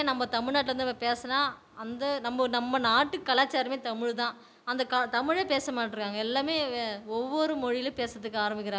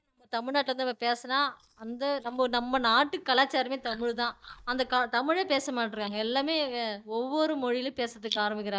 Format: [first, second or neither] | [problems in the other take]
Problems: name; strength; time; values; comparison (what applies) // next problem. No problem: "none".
first | noise reduction (neural mask model DeepFilterNet 3)